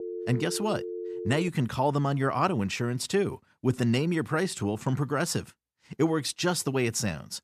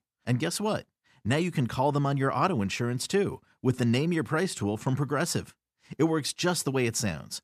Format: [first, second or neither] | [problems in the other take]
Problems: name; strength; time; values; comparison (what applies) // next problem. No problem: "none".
second | phone ringing; noticeable; until 1.5 s; peak 8 dB below the speech